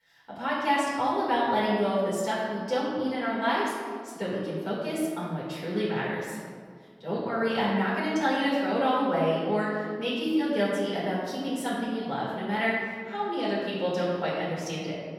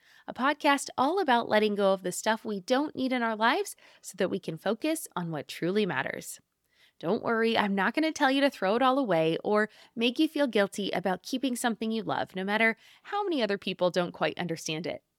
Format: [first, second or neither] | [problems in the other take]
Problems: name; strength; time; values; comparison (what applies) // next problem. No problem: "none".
second | off-mic speech; far // room echo; strong; dies away in 1.7 s